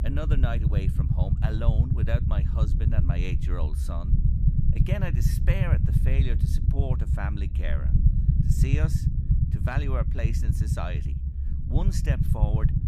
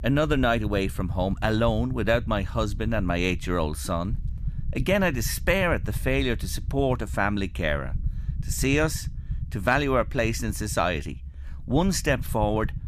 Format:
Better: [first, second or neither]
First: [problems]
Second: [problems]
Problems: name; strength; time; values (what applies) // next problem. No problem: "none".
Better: second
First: low rumble; loud; throughout; 2 dB below the speech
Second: low rumble; faint; throughout; 25 dB below the speech